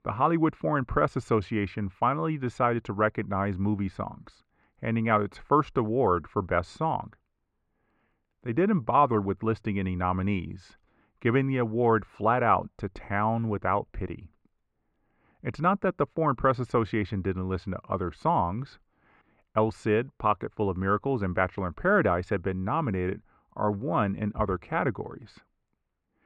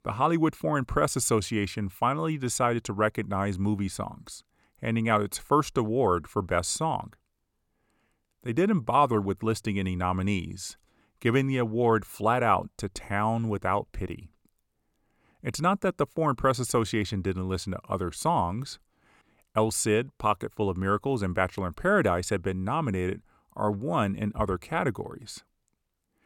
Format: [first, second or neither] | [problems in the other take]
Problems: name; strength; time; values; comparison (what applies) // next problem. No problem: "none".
second | muffled; very; fading above 2 kHz